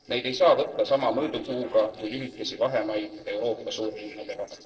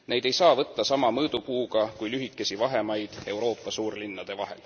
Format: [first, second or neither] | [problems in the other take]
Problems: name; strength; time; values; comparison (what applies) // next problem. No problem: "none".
second | noise reduction (neural separator model SepFormer DNS4)